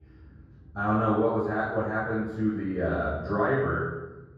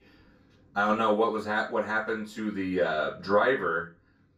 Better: second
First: room echo; strong; dies away in 1.3 s // off-mic speech; far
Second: room echo; slight; dies away in 0.2 s // off-mic speech; far

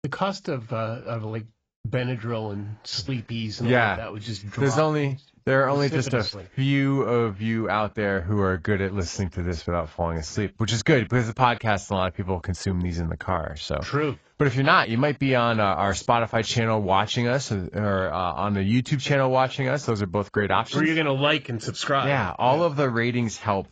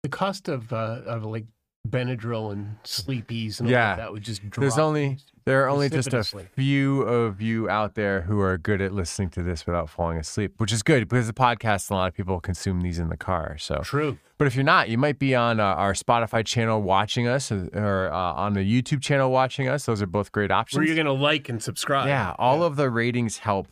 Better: second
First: garbled, watery; badly; nothing above 7.5 kHz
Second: none

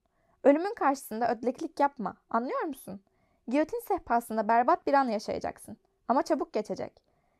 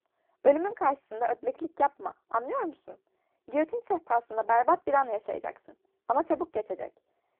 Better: first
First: none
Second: phone-call audio; poor line

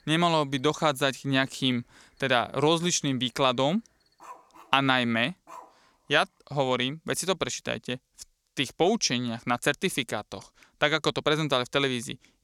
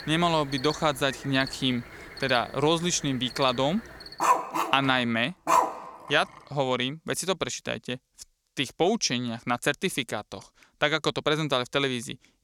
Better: first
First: animal sounds; faint; until 6.5 s; 30 dB below the speech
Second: animal sounds; loud; until 6.5 s; 4 dB below the speech

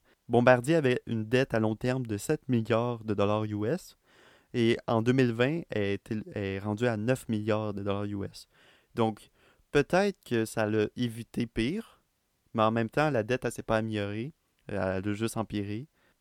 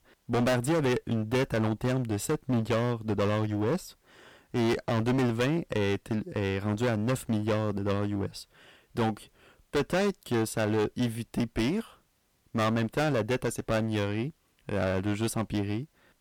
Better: first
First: none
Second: distortion; heavy; 14% of the sound clipped

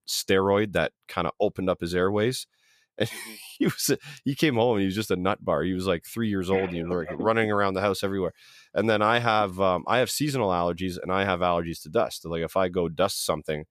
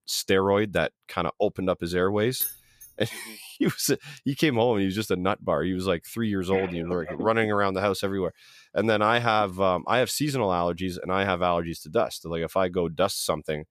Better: first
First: none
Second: jangling keys; noticeable; at 2.5 s; peak 4 dB below the speech

